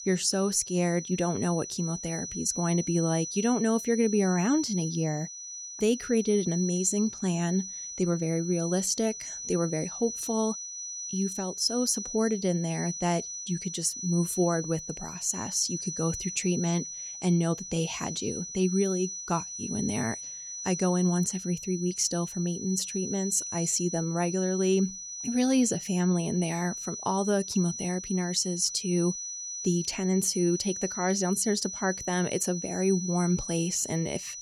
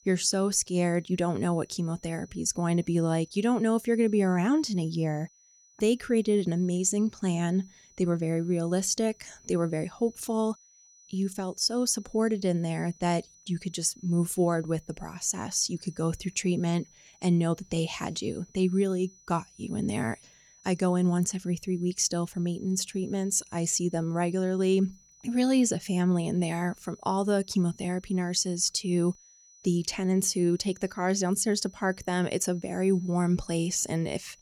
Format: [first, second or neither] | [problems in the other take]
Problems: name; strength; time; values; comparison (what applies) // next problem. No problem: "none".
second | high-pitched whine; loud; throughout; 6 kHz, 7 dB below the speech; faint in the second